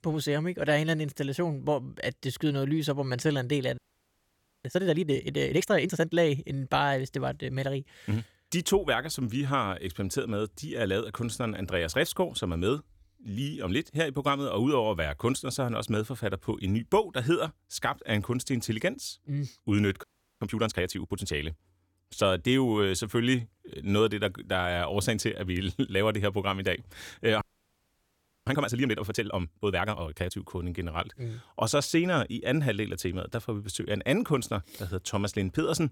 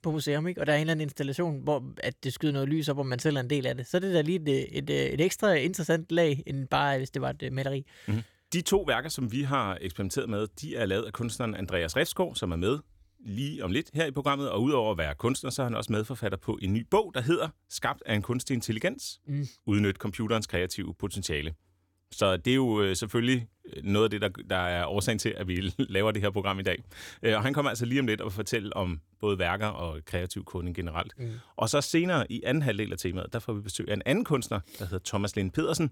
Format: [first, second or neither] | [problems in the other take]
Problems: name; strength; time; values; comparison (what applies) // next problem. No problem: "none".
second | audio freezing; at 4 s for 1 s, at 20 s and at 27 s for 1 s